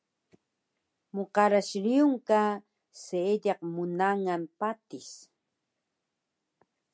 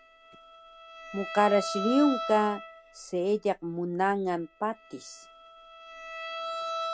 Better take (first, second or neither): first